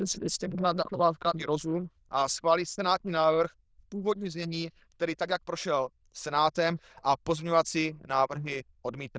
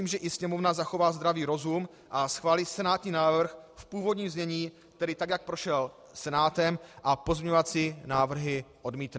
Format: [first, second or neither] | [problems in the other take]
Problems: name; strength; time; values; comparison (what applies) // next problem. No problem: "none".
second | noise reduction (neural diffusion model UNIVERSE++)